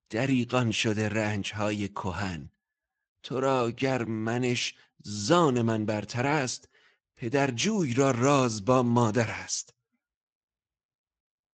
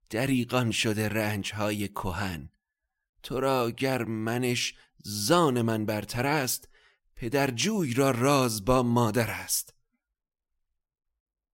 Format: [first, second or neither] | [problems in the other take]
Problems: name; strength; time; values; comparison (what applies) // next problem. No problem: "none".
second | garbled, watery; slightly; nothing above 7.5 kHz